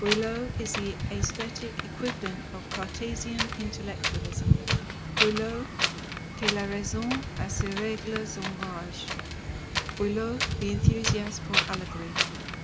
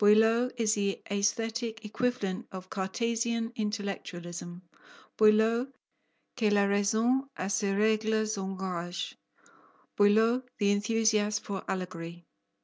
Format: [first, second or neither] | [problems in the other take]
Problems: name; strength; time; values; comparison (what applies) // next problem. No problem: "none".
second | background sound (Wind); 3 dB above the speech